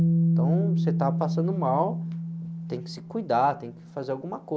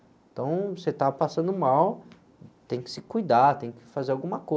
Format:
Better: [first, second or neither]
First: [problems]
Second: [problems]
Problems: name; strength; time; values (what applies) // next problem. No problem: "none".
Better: second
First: background sound (Bass guitar); 2 dB above the speech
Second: none